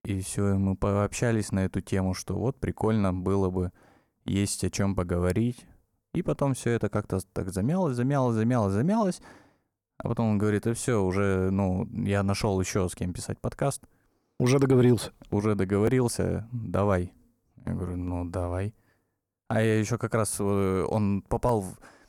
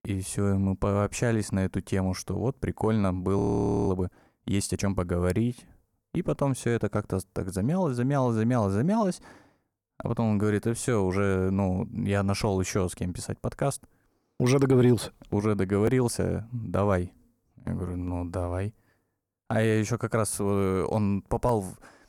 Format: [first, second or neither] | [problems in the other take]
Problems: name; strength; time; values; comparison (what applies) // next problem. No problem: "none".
first | audio freezing; at 3.5 s